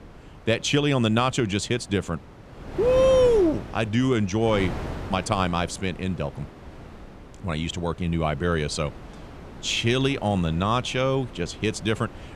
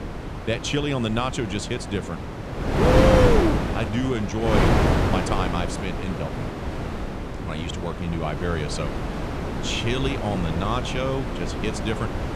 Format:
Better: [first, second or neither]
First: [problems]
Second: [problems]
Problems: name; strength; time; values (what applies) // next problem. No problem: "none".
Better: first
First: wind noise on the microphone; occasional gusts; 15 dB below the speech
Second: wind noise on the microphone; heavy; 1 dB below the speech